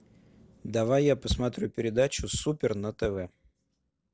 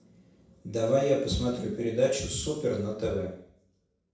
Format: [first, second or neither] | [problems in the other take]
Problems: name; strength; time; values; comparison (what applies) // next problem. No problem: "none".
first | room echo; dies away in 0.7 s